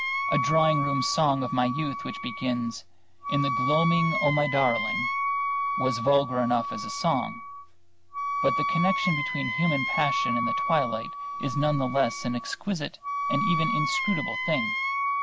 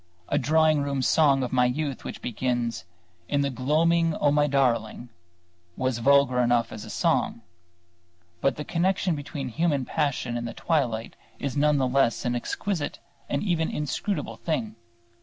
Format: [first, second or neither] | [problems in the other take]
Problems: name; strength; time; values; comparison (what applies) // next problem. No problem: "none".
second | background sound (Wind instrument, woodwind instrument); 2 dB below the speech